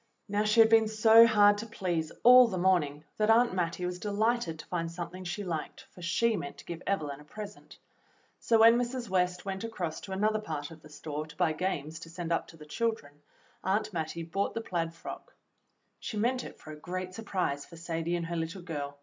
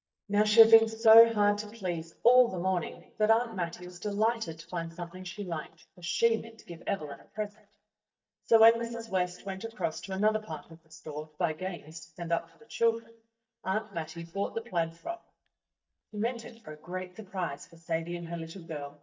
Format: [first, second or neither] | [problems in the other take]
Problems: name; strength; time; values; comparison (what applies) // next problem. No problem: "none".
first | noise reduction (neural mask model DeepFilterNet 3)